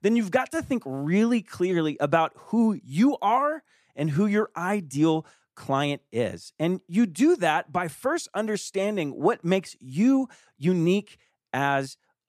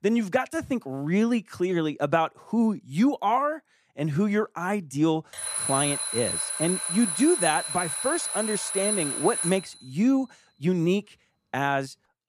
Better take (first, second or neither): first